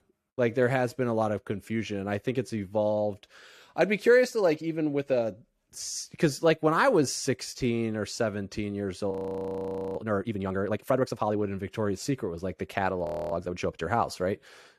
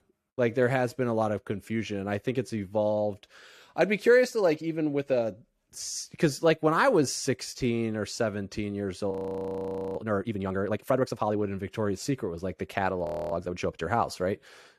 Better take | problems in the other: neither | audio freezing; at 9 s for 1 s and at 13 s; the same in both

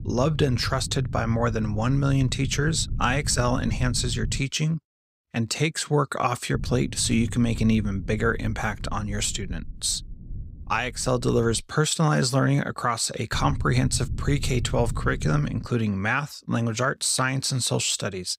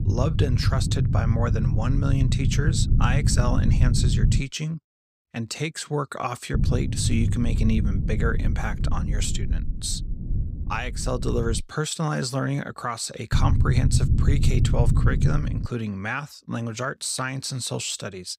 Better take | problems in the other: first | low rumble; loud; until 4.5 s, from 6.5 to 12 s and from 13 to 16 s; 7 dB below the speech; faint in the first

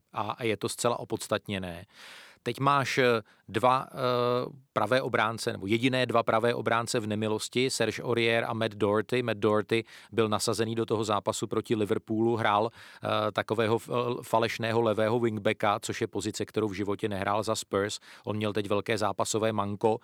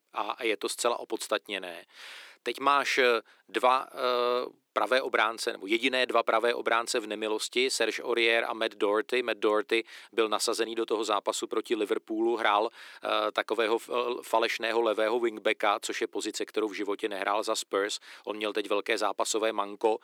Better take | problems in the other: first | thin; somewhat; fading below 300 Hz

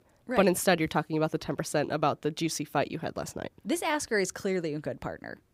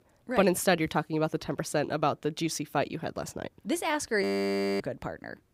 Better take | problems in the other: first | audio freezing; at 4 s for 0.5 s

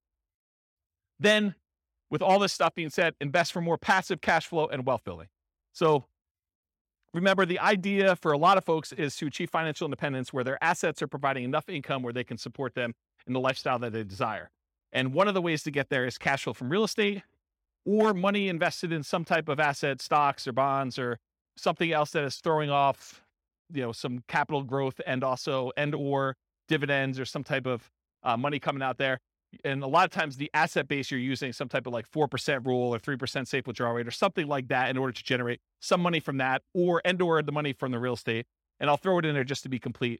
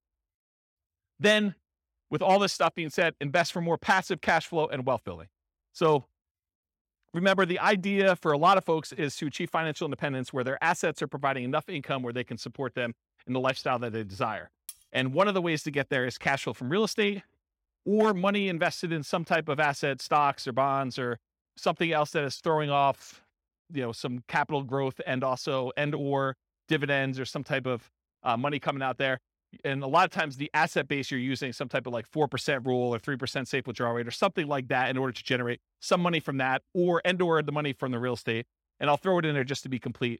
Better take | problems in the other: first | clattering dishes; very faint; at 15 s; peak 15 dB below the speech

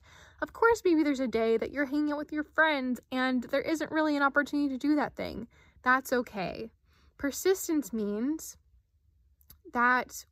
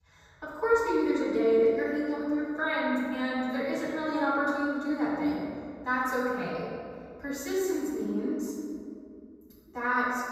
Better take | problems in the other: first | off-mic speech; far // room echo; strong; dies away in 2 s

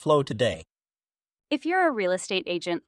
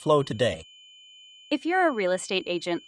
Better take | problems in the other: first | high-pitched whine; faint; throughout; 3 kHz, 25 dB below the speech

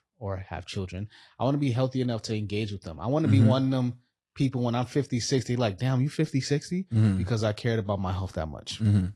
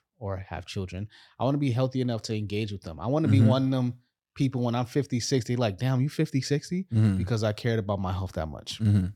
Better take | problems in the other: second | garbled, watery; slightly; nothing above 11.5 kHz

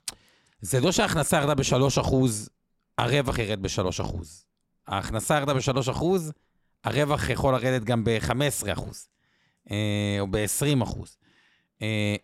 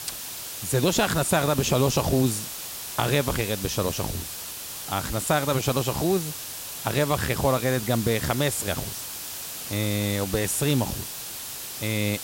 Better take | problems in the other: first | hiss; loud; throughout; 7 dB below the speech

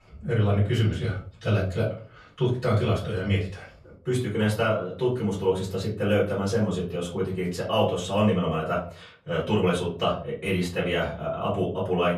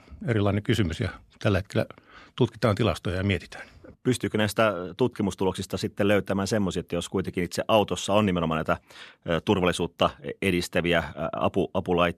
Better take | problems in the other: second | off-mic speech; far // room echo; slight; dies away in 0.4 s

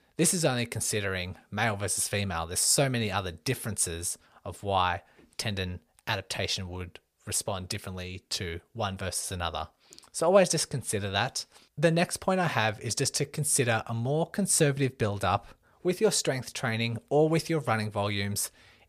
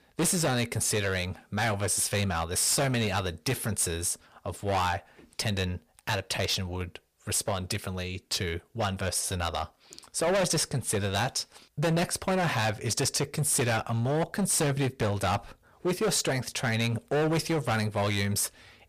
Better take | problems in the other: first | distortion; heavy; 13% of the sound clipped

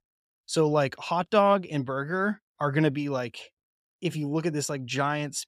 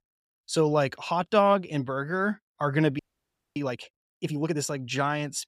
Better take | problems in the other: first | audio freezing; at 3 s for 0.5 s

